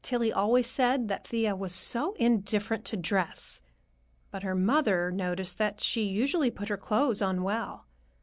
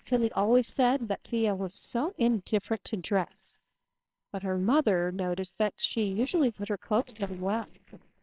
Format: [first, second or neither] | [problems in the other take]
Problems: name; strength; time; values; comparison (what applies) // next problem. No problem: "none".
first | noise reduction (neural separator model SepFormer WHAMR!)